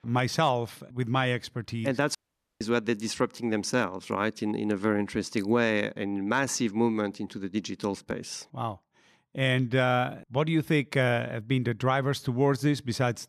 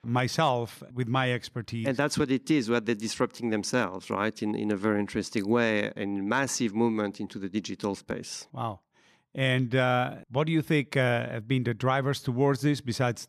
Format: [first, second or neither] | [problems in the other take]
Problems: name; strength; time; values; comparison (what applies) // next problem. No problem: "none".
second | audio cutting out; at 2 s